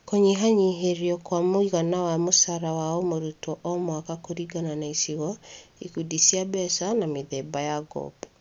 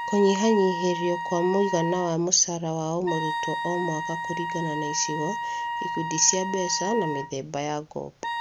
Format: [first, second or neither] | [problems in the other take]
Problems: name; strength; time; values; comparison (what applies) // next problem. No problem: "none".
first | background sound (Wind instrument, woodwind instrument); 5 dB below the speech